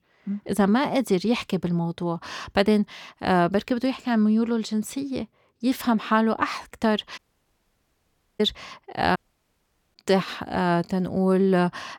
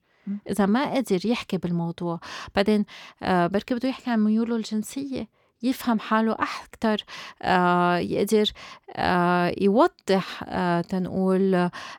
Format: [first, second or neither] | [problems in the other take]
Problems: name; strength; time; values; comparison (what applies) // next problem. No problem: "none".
second | audio cutting out; at 7 s for 1 s and at 9 s for 1 s